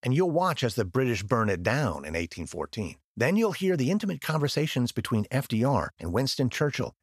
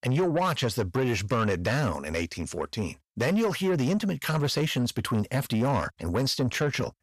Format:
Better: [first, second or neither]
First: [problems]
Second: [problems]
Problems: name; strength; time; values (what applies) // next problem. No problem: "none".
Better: first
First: none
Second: distortion; slight; 10 dB below the speech